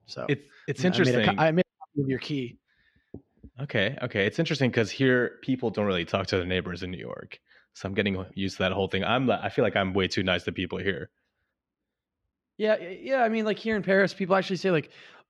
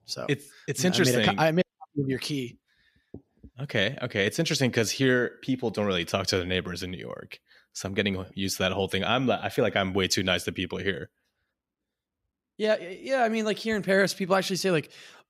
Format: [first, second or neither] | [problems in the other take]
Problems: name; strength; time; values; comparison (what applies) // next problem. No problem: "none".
second | muffled; slightly; fading above 3 kHz